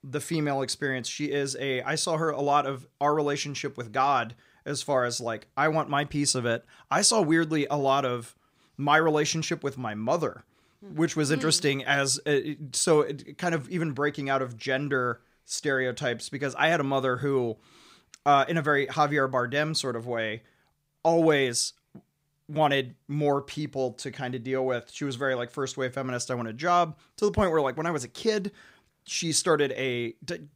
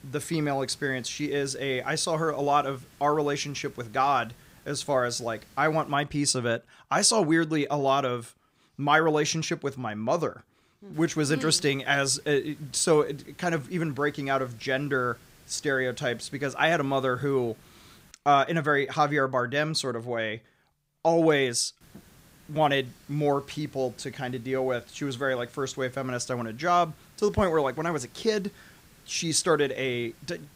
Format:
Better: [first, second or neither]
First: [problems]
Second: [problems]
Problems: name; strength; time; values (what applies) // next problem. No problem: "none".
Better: first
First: none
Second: hiss; faint; until 6 s, from 11 to 18 s and from 22 s on; 25 dB below the speech